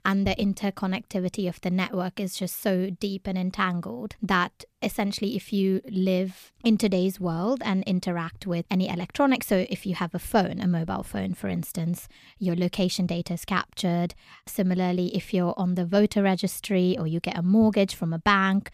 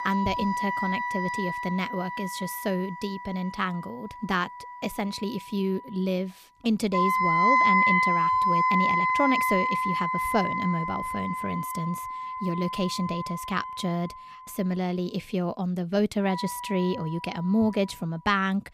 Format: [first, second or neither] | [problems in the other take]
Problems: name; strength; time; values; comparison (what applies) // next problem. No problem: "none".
first | background music; very loud; throughout; 3 dB above the speech